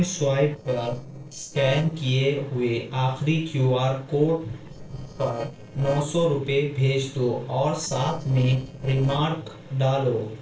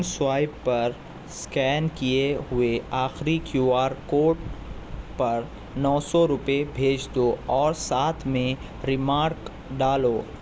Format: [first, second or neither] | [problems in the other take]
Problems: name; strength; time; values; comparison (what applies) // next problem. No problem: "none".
second | noise reduction (neural separator model SepFormer DNS4)